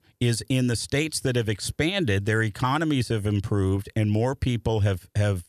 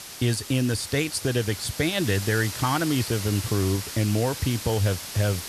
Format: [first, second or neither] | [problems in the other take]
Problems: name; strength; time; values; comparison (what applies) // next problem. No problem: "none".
first | hiss; loud; throughout; 8 dB below the speech